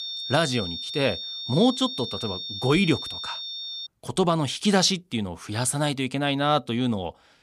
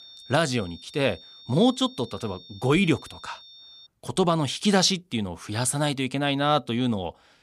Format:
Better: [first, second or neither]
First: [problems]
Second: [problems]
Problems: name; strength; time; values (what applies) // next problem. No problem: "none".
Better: second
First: high-pitched whine; loud; until 4 s; 3.5 kHz, 7 dB below the speech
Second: high-pitched whine; faint; until 4 s; 3.5 kHz, 20 dB below the speech